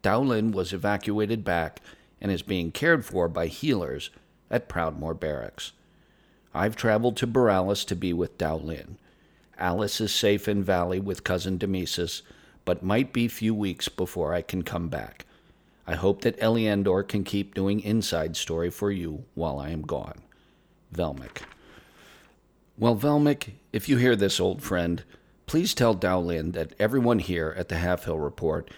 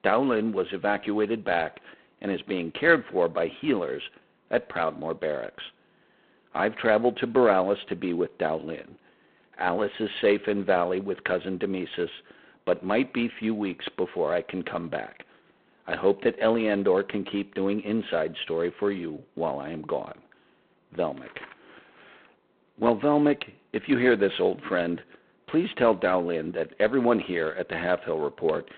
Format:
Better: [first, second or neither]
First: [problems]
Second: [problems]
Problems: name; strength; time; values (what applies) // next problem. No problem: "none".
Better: first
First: none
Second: phone-call audio; poor line; nothing above 3.5 kHz